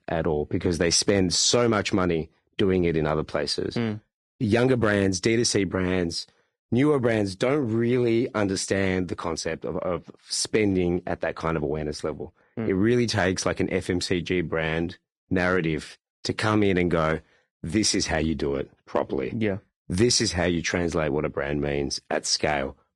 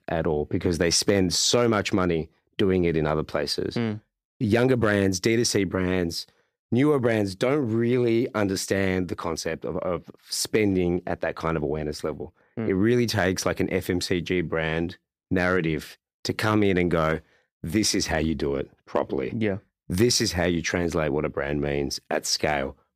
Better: second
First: garbled, watery; slightly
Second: none

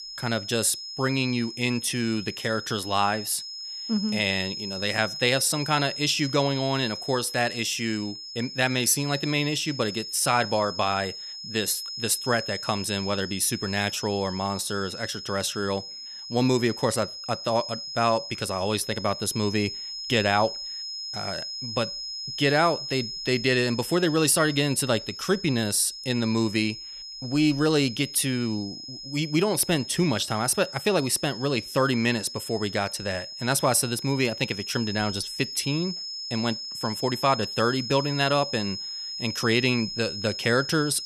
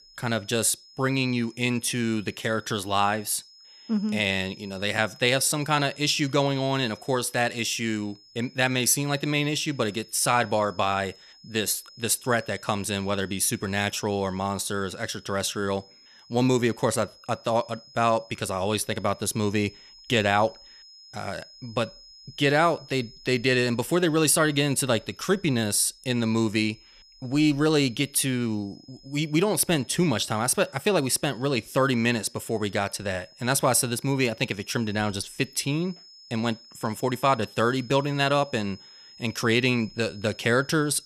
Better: second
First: high-pitched whine; loud; throughout; 5 kHz, 8 dB below the speech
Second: high-pitched whine; faint; throughout; 5 kHz, 25 dB below the speech

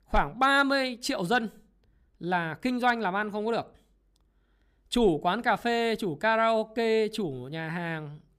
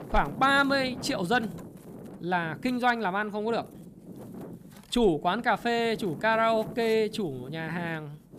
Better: first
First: none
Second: wind noise on the microphone; occasional gusts; 20 dB below the speech

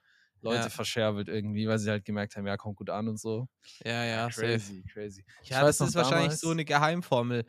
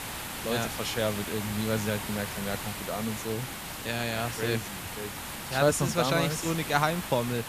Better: first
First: none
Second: hiss; loud; throughout; 6 dB below the speech

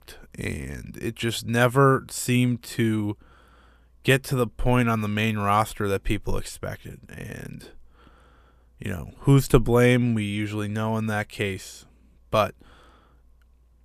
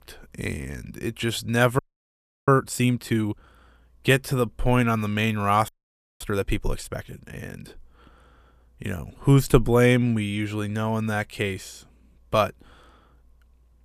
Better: first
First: none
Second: audio freezing; at 2 s for 0.5 s and at 5.5 s for 0.5 s

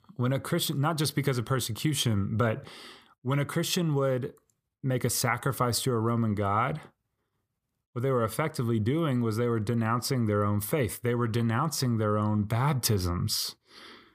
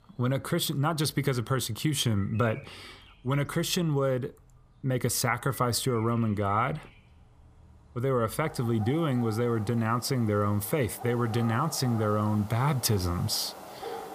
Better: first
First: none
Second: animal sounds; noticeable; throughout; 20 dB below the speech

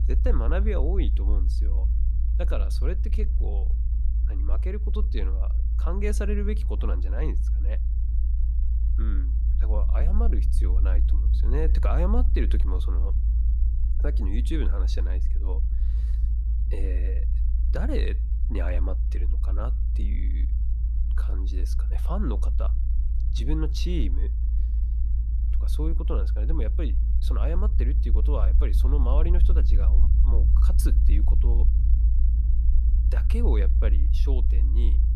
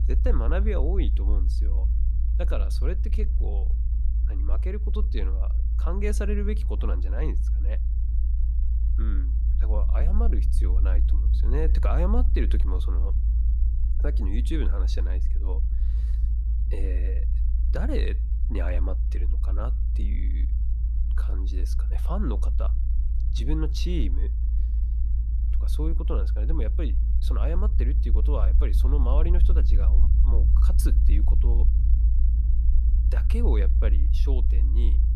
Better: neither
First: low rumble; loud; throughout; 8 dB below the speech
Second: low rumble; loud; throughout; 8 dB below the speech

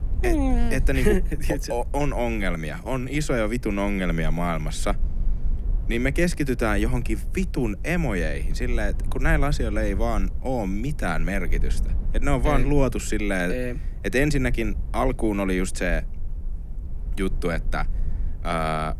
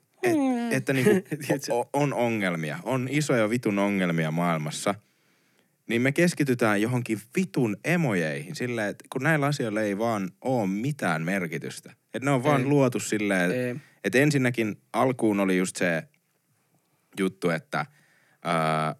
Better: second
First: low rumble; faint; throughout; 20 dB below the speech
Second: none

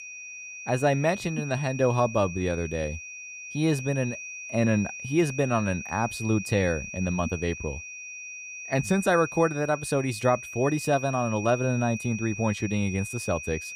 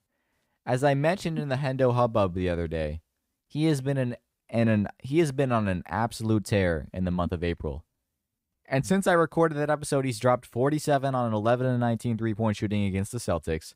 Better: second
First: high-pitched whine; loud; throughout; 2.5 kHz, 10 dB below the speech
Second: none

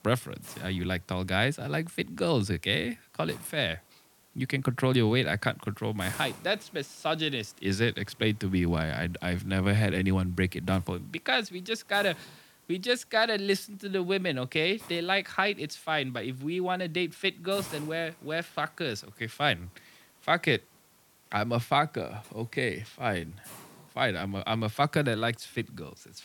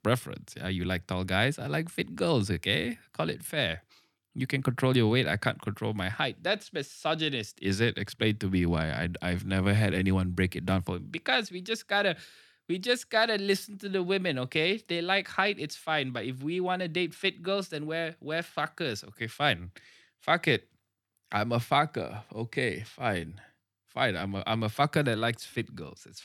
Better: second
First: hiss; faint; throughout; 20 dB below the speech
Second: none

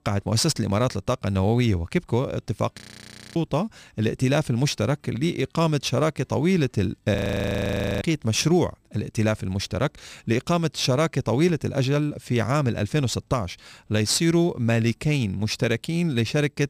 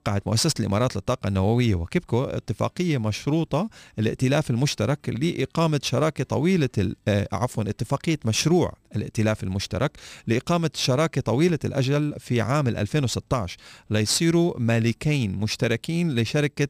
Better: second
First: audio freezing; at 3 s for 0.5 s and at 7 s for 1 s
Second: none

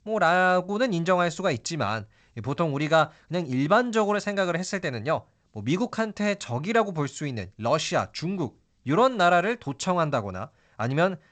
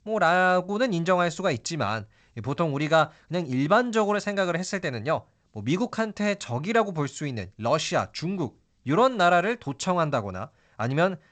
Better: neither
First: garbled, watery; slightly; nothing above 7.5 kHz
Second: garbled, watery; slightly; nothing above 7.5 kHz

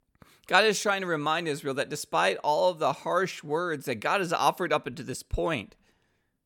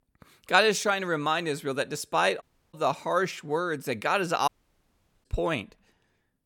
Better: first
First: none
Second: audio cutting out; at 2.5 s and at 4.5 s for 1 s

